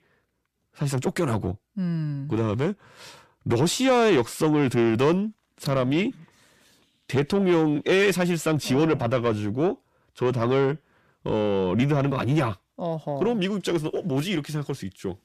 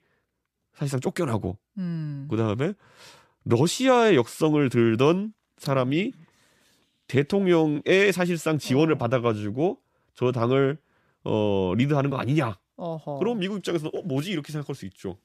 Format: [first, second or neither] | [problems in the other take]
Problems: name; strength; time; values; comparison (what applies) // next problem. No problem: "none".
second | distortion; slight; 10 dB below the speech